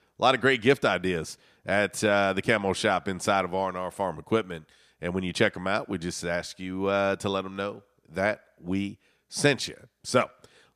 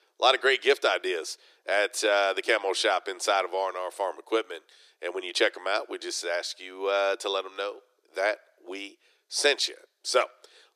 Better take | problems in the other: first | thin; very; fading below 350 Hz

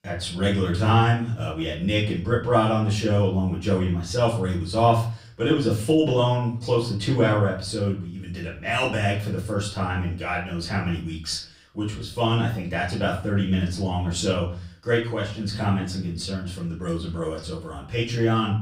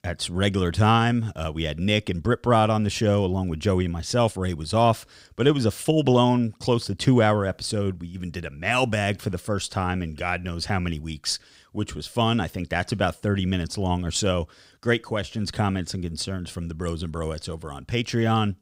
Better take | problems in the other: second | off-mic speech; far // room echo; slight; dies away in 0.4 s

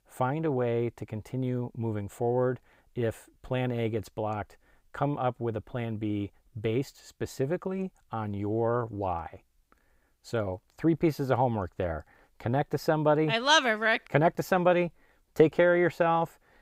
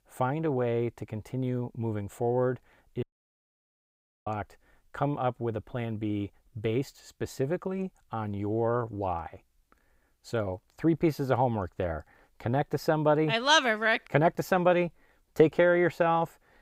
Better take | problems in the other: first | audio cutting out; at 3 s for 1 s

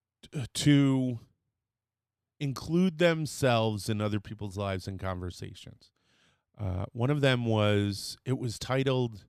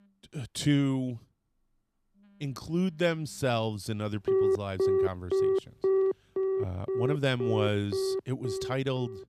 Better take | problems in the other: first | alarms or sirens; very loud; throughout; 2 dB above the speech

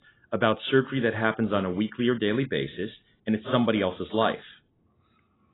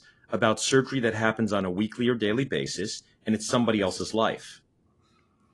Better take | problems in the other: second | garbled, watery; badly; nothing above 3.5 kHz; slightly in the second

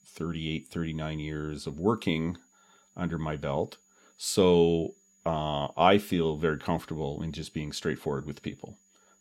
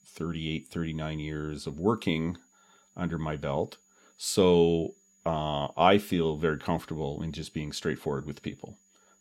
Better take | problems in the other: neither | high-pitched whine; faint; throughout; 7 kHz, 35 dB below the speech; the same in both

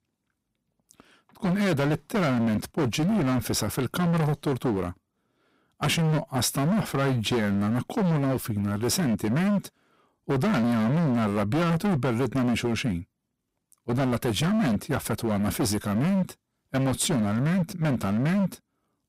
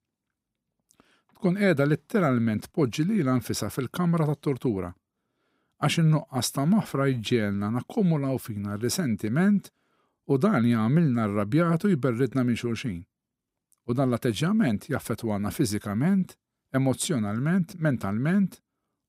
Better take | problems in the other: second | distortion; heavy; 26% of the sound clipped

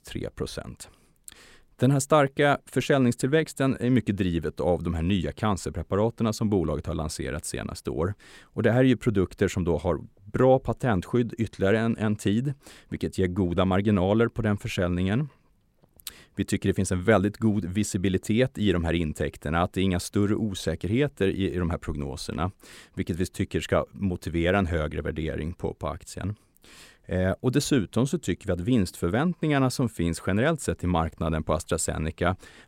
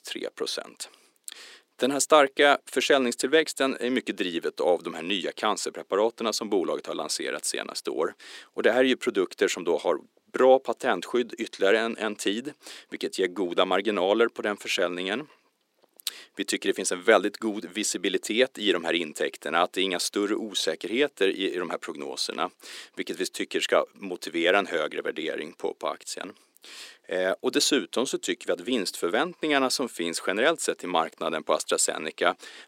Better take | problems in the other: first | thin; somewhat; fading below 300 Hz

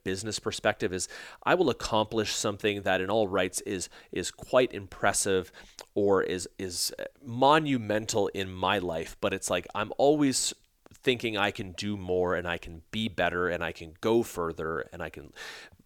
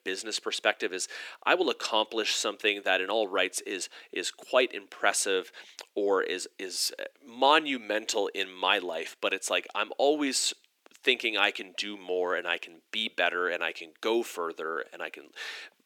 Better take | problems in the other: first | thin; very slightly; fading below 300 Hz

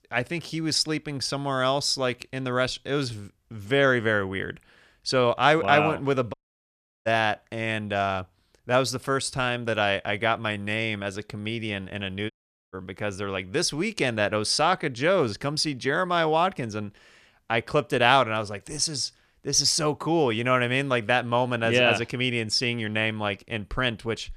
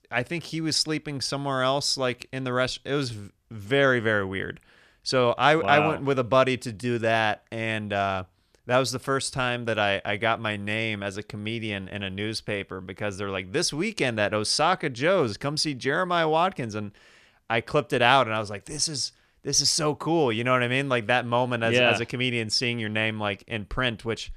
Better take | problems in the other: second | audio cutting out; at 6.5 s for 0.5 s and at 12 s

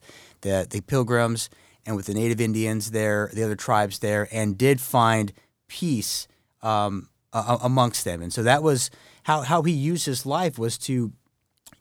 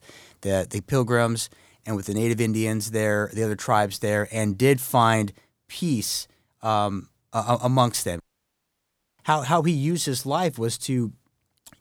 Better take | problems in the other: first | audio cutting out; at 8 s for 1 s

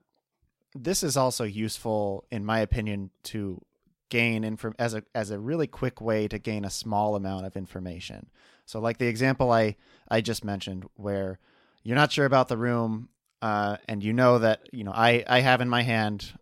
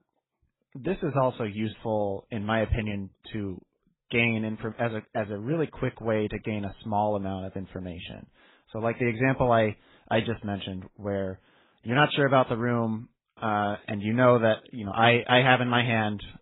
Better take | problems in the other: first | garbled, watery; badly; nothing above 3.5 kHz

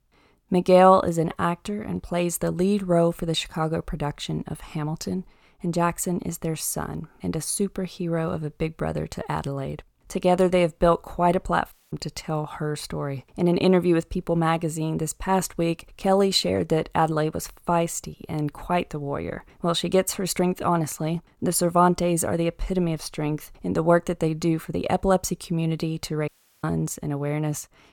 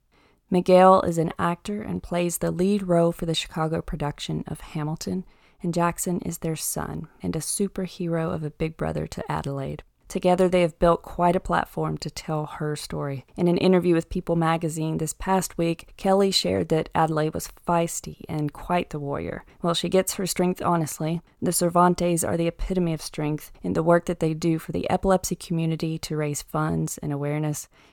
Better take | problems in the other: second | audio cutting out; at 12 s and at 26 s

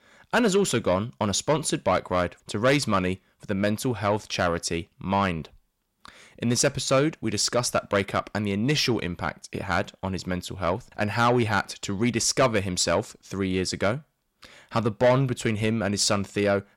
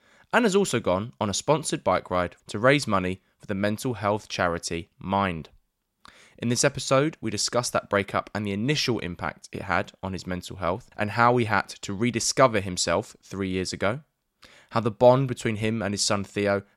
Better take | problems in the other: second | distortion; slight; 10 dB below the speech

